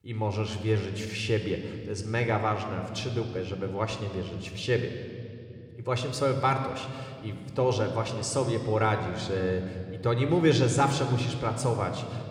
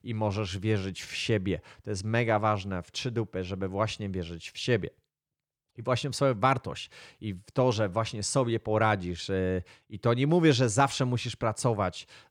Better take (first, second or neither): second